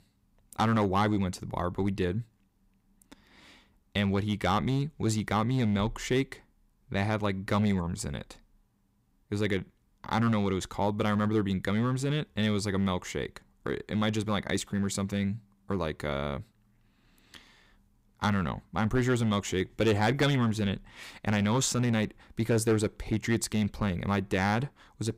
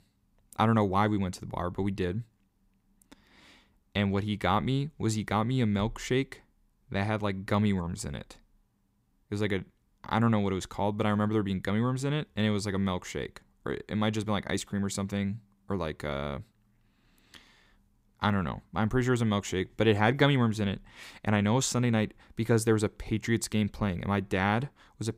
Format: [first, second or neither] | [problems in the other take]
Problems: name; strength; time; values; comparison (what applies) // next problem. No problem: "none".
second | distortion; slight; 4% of the sound clipped